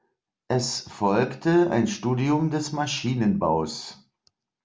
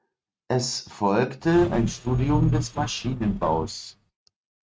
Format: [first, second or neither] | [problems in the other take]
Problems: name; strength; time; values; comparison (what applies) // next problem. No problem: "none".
first | noise reduction (neural mask model RNNoise)